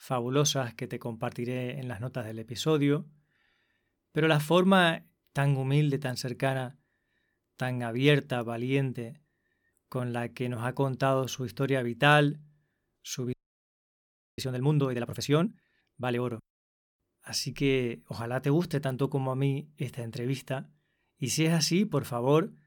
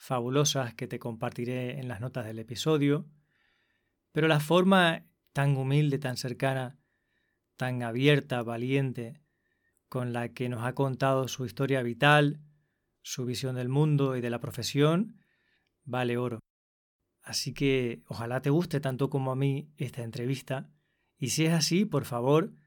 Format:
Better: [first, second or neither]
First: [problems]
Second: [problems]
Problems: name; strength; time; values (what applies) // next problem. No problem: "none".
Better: second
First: audio freezing; at 13 s for 1 s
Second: none